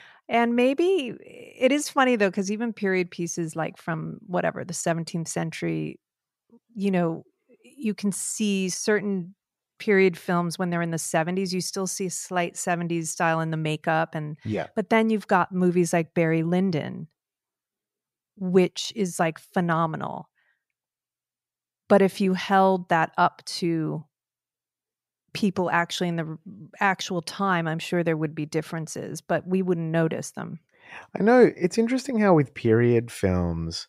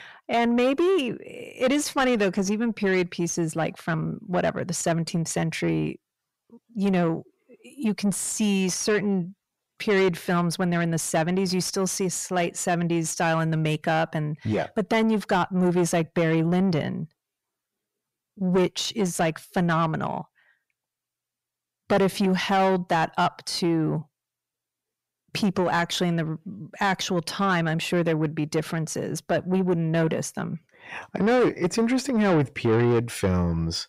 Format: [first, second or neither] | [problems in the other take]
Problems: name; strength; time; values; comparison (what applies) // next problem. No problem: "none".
first | distortion; heavy; 8 dB below the speech